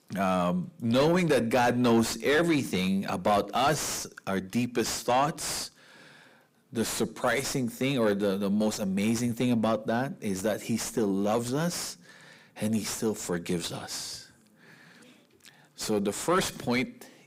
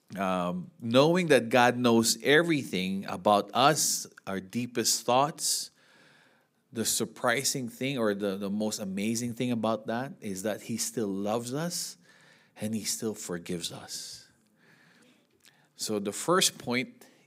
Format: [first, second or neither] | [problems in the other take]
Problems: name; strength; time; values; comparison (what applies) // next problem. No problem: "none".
second | distortion; heavy; 5 dB below the speech